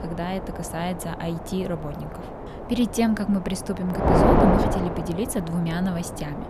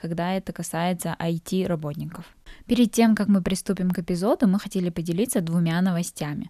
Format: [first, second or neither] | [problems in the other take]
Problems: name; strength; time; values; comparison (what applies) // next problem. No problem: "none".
second | wind noise on the microphone; heavy; 3 dB above the speech